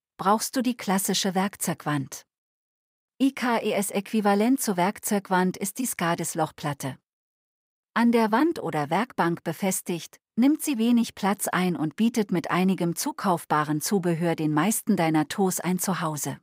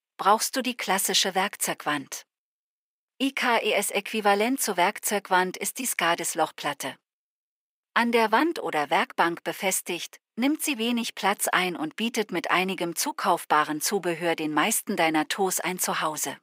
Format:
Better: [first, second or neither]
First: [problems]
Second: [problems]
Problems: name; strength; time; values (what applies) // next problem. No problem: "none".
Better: first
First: none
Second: thin; somewhat; fading below 350 Hz